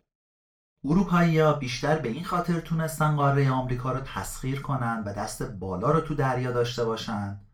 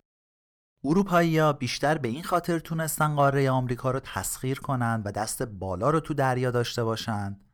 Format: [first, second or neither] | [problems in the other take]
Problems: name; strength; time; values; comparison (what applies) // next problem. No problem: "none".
second | room echo; very slight; dies away in 0.2 s // off-mic speech; far